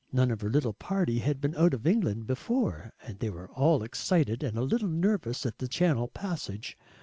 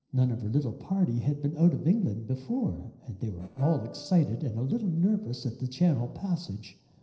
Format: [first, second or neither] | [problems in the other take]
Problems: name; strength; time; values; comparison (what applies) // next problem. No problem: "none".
first | noise reduction (neural separator model SepFormer DNS4)